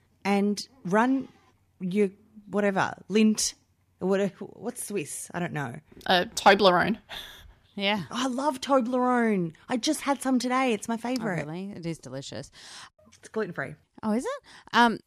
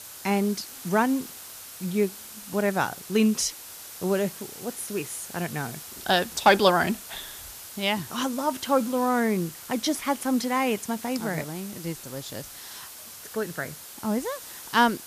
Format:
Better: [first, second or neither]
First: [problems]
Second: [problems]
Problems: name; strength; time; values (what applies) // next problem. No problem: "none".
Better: first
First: none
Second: hiss; noticeable; throughout; 15 dB below the speech